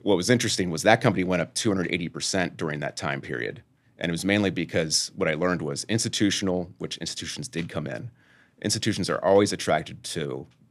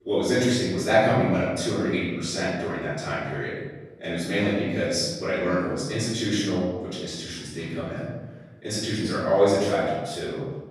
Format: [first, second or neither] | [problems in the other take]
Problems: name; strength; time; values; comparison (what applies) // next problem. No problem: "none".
first | off-mic speech; far // room echo; strong; dies away in 1.2 s